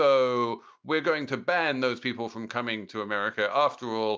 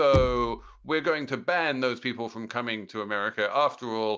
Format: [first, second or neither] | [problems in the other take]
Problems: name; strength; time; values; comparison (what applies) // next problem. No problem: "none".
first | background sound (Knock); 8 dB below the speech